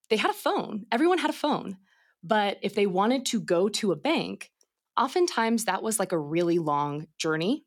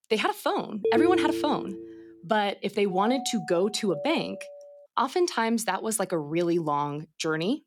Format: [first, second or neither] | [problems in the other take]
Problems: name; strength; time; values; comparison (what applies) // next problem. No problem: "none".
first | phone ringing; loud; at 1 s; peak 3 dB above the speech // doorbell; noticeable; from 3 to 5 s; peak 9 dB below the speech